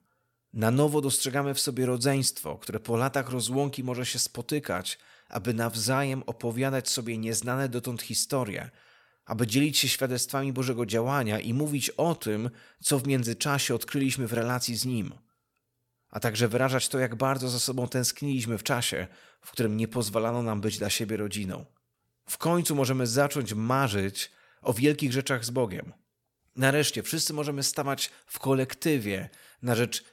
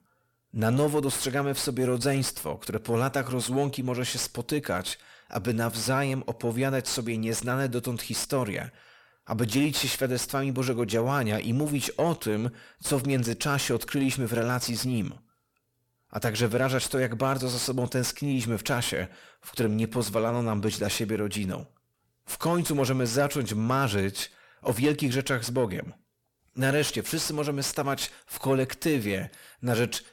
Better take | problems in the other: first | distortion; slight; 10 dB below the speech

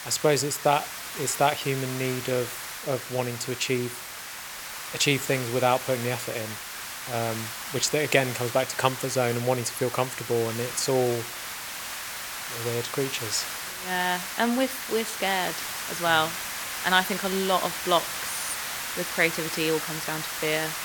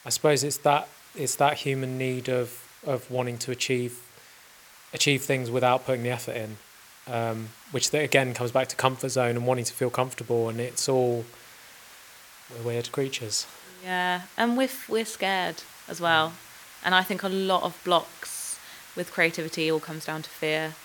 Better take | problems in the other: second | hiss; loud; throughout; 6 dB below the speech; faint in the second

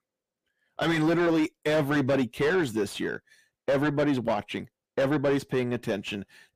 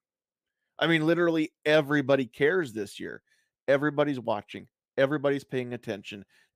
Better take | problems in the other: second | distortion; heavy; 6 dB below the speech

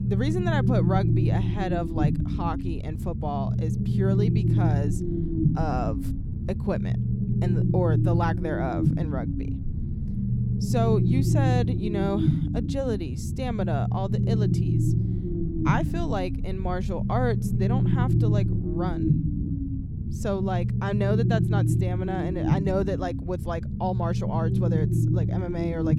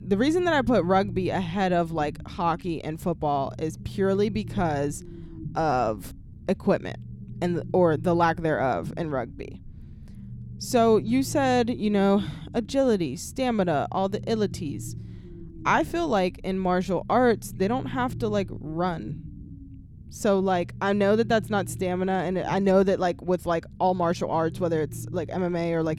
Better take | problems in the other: second | low rumble; loud; throughout; 4 dB below the speech; faint in the second

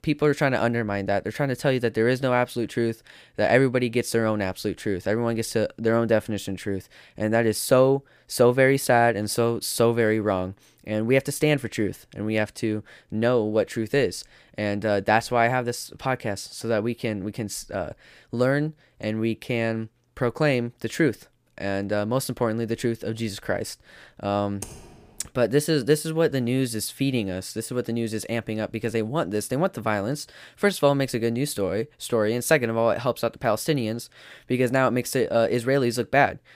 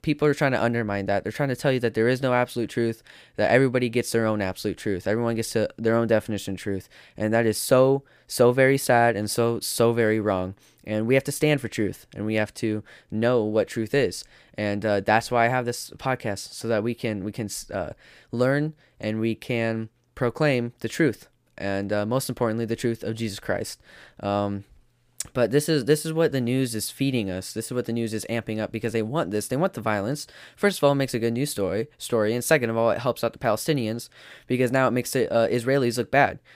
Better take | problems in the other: second | keyboard typing; faint; at 25 s; peak 15 dB below the speech

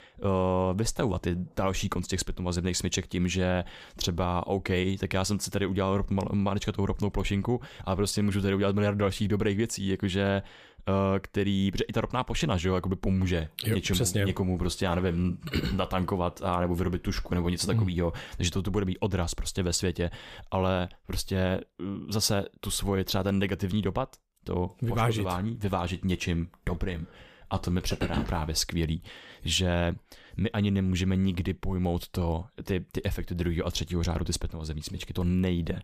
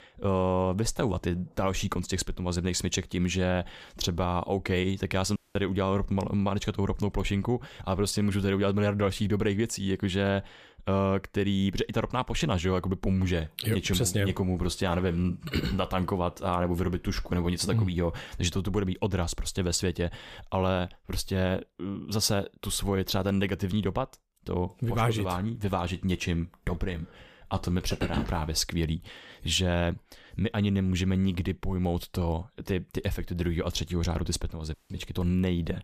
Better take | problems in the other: first | audio cutting out; at 5.5 s and at 35 s

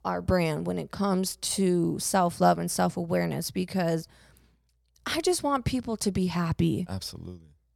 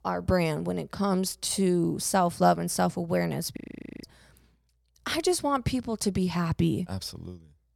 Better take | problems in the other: first | audio freezing; at 3.5 s

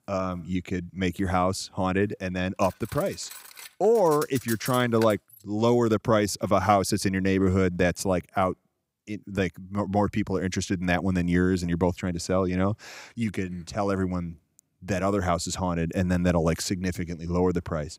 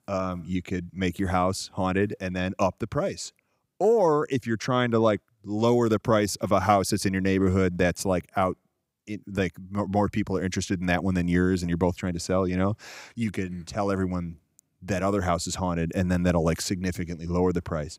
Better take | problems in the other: second | clattering dishes; noticeable; from 2.5 to 5.5 s; peak 10 dB below the speech

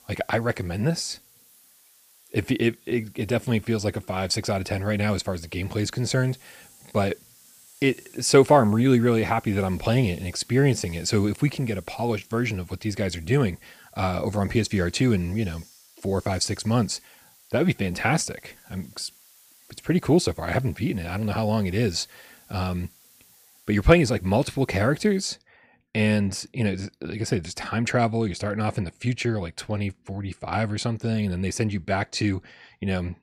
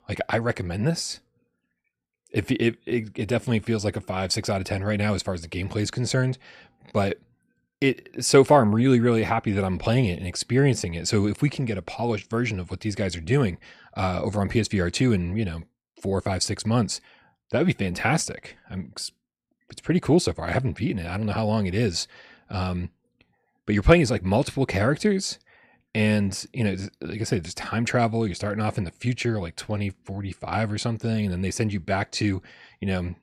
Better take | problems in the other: second | hiss; faint; until 25 s; 25 dB below the speech

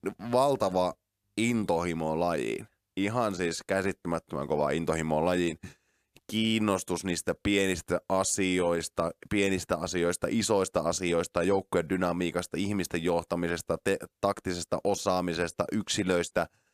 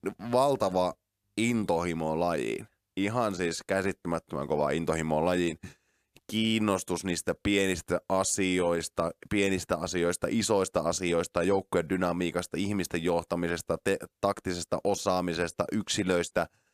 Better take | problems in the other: neither | none

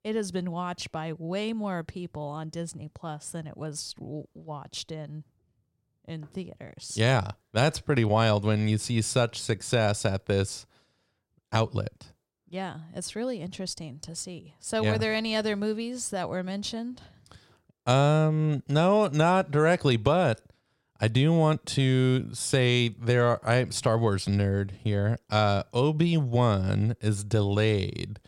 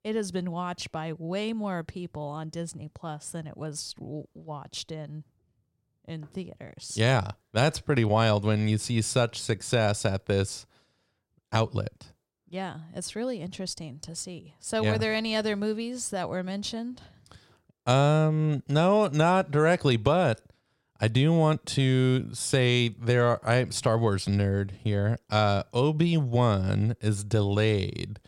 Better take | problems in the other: neither | none

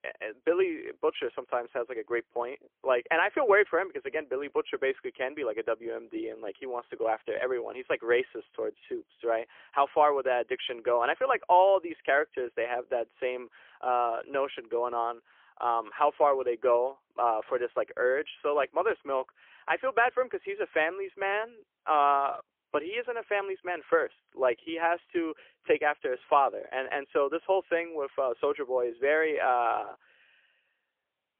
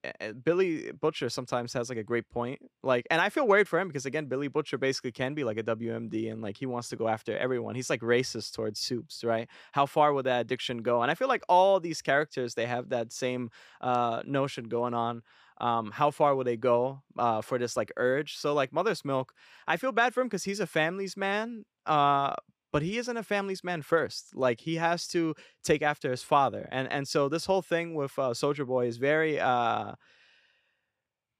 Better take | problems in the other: second | phone-call audio; poor line; nothing above 3.5 kHz

